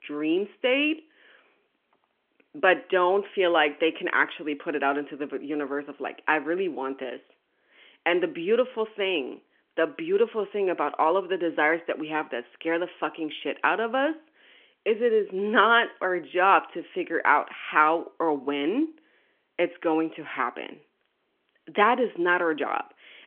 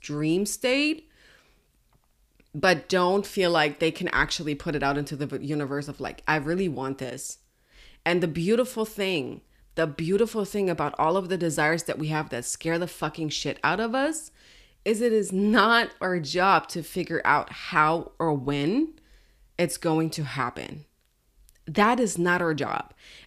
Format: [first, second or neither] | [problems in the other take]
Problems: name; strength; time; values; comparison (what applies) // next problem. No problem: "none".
second | phone-call audio; nothing above 3.5 kHz